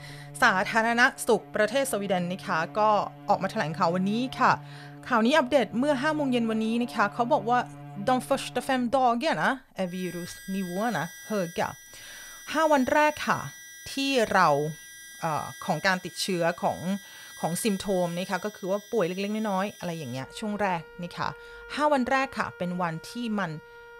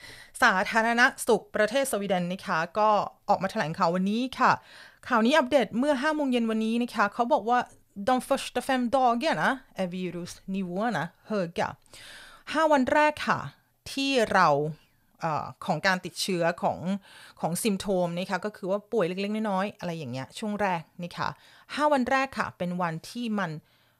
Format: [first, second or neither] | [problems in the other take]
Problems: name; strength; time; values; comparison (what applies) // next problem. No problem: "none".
second | background music; noticeable; throughout; 20 dB below the speech